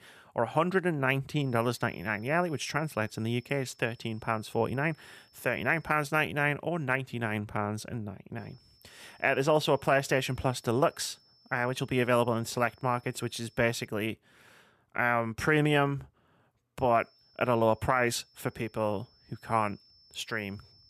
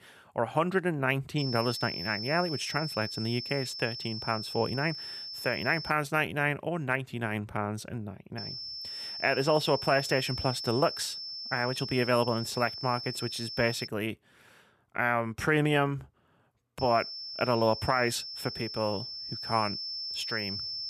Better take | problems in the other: first | high-pitched whine; loud; from 1.5 to 6 s, from 8.5 to 14 s and from 17 s on; 5.5 kHz, 6 dB below the speech; faint in the first

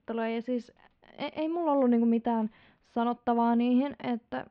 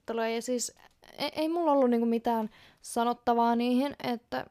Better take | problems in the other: second | muffled; very; fading above 3 kHz

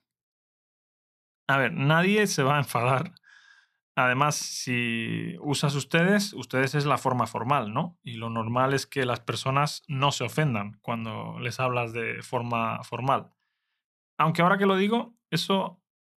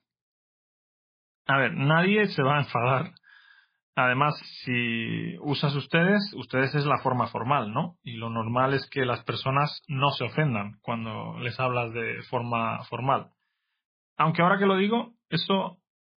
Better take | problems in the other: first | garbled, watery; badly; nothing above 4.5 kHz

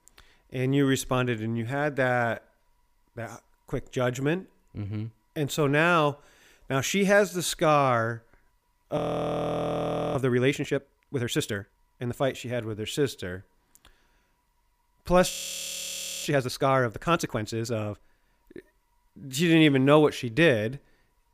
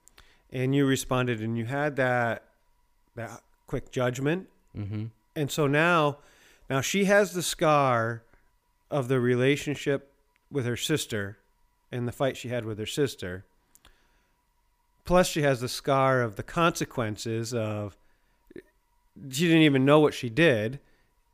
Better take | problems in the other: second | audio freezing; at 9 s for 1 s and at 15 s for 1 s

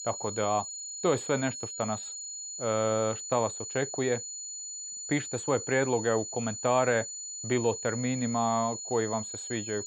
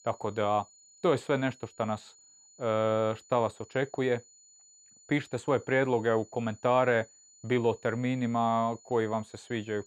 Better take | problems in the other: second | high-pitched whine; loud; throughout; 7 kHz, 6 dB below the speech; faint in the second

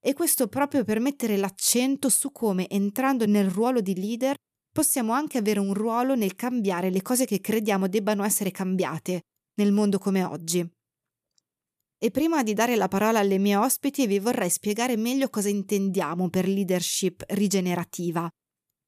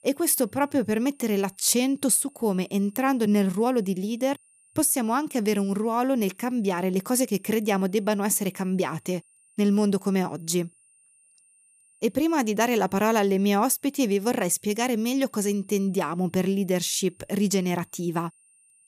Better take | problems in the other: first | high-pitched whine; faint; throughout; 9 kHz, 30 dB below the speech

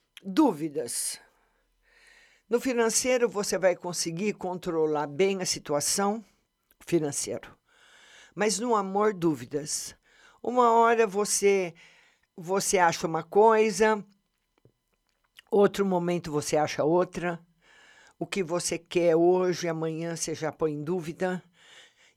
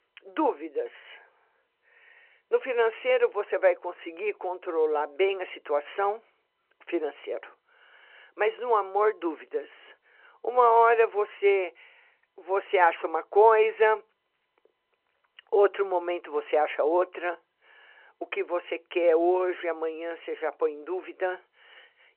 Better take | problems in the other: first | phone-call audio

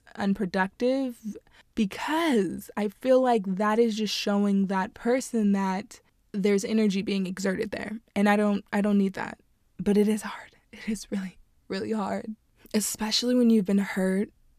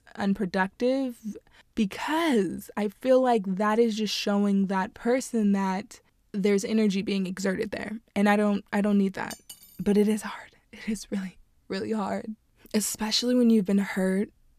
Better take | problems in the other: first | clattering dishes; faint; at 9.5 s; peak 15 dB below the speech

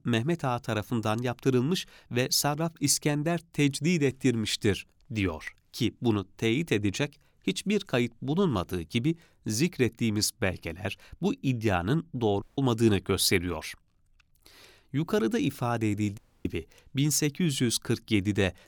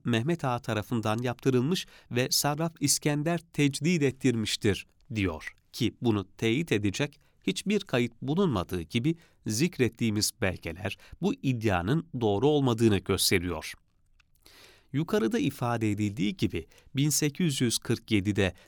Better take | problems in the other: second | audio cutting out; at 12 s and at 16 s

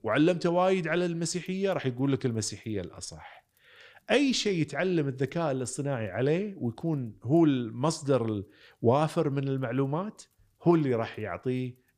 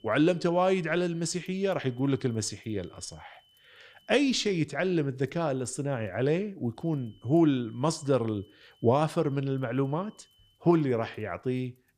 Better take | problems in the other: first | high-pitched whine; faint; until 4 s and from 7 to 11 s; 3 kHz, 35 dB below the speech

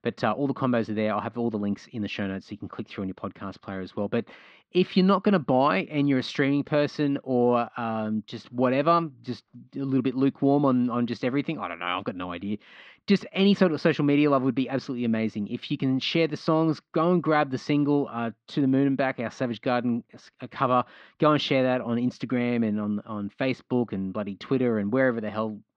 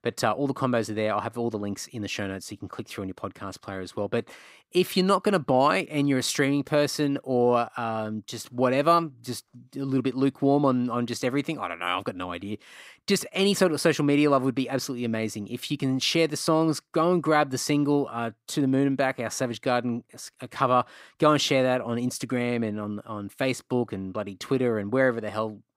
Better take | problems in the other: second | muffled; very slightly; fading above 4 kHz

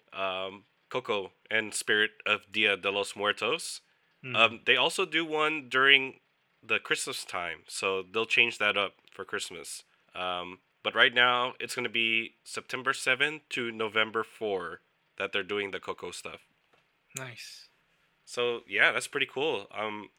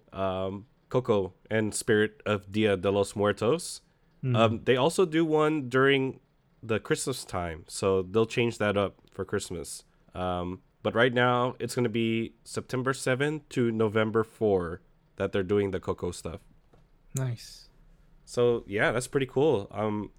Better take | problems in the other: second | thin; somewhat; fading below 700 Hz

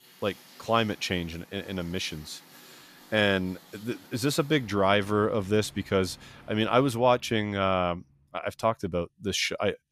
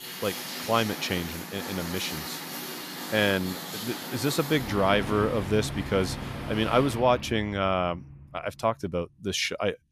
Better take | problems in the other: first | rain or running water; loud; until 7 s; 7 dB below the speech; faint in the first

